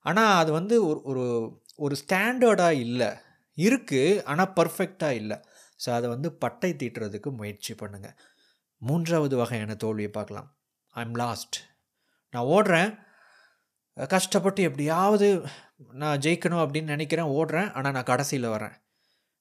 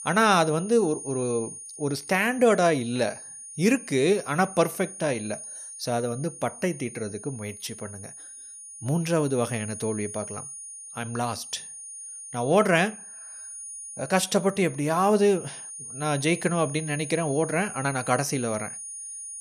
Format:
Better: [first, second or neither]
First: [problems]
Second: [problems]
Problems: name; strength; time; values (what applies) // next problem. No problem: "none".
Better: first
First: none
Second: high-pitched whine; noticeable; throughout; 9.5 kHz, 10 dB below the speech